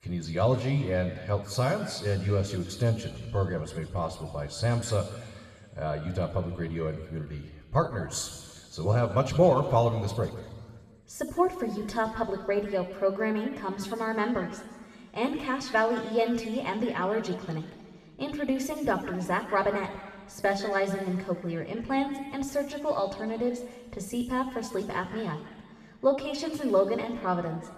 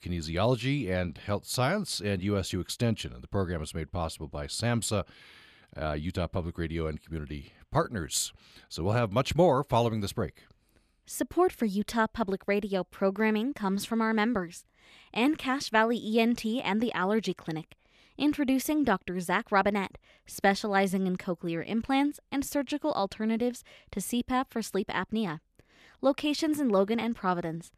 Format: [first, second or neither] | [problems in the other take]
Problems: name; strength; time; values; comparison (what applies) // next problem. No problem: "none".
second | room echo; noticeable; dies away in 1.7 s // off-mic speech; somewhat distant